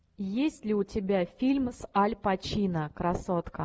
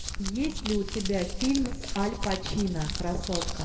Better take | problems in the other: first | background sound (Crumpling, crinkling); 3 dB below the speech // room echo; dies away in 1.6 s

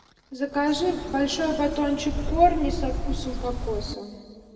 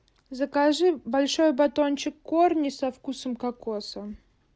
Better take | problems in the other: second | background sound (Bird); 5 dB below the speech // room echo; dies away in 1.9 s

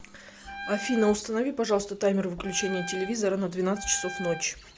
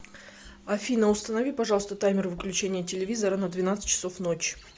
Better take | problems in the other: second | background sound (Wind instrument, woodwind instrument); 11 dB below the speech

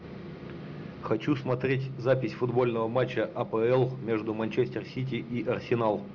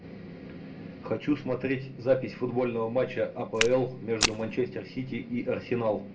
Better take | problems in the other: first | background sound (Walk, footsteps); 2 dB below the speech // room echo; dies away in 0.2 s

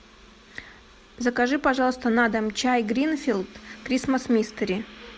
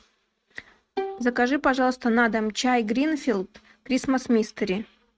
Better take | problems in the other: first | noise reduction (neural mask model RNNoise)

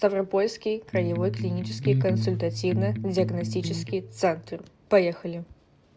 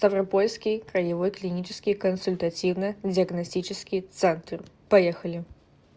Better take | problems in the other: second | background sound (Electric guitar); 2 dB below the speech

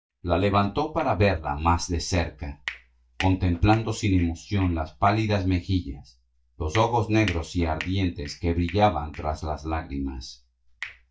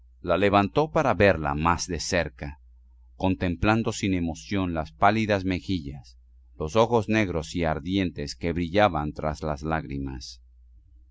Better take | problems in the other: second | noise reduction (neural mask model DeepFilterNet 3)

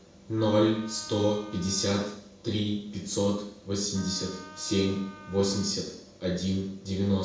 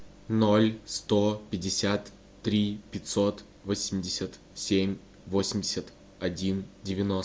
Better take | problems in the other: second | background sound (Wind instrument, woodwind instrument); 20 dB below the speech // room echo; dies away in 0.6 s

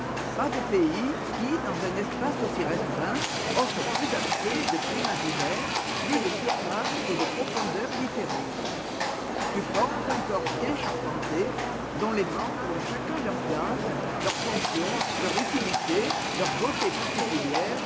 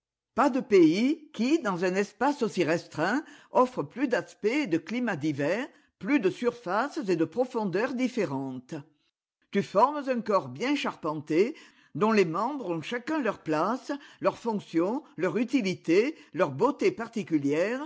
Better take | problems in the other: second | background sound (Livestock, farm animals, working animals); 2 dB above the speech

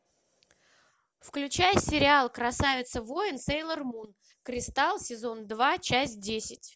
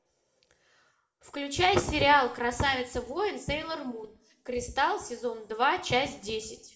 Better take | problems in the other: first | room echo; dies away in 0.5 s

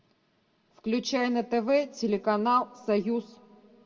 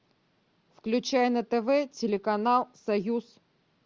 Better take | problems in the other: second | room echo; dies away in 1.5 s

